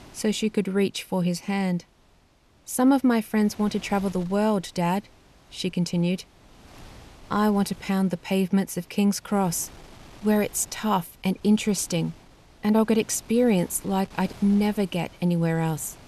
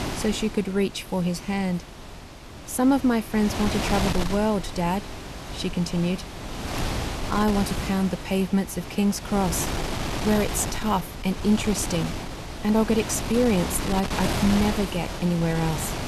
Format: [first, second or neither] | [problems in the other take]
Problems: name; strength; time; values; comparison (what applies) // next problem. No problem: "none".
first | wind noise on the microphone; heavy; 4 dB below the speech; occasional gusts in the first